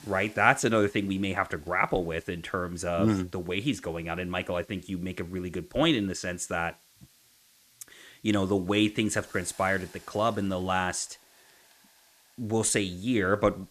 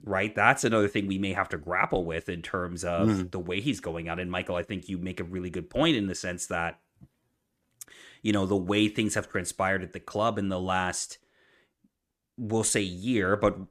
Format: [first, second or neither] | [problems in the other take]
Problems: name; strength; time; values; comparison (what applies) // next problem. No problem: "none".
second | hiss; faint; throughout; 25 dB below the speech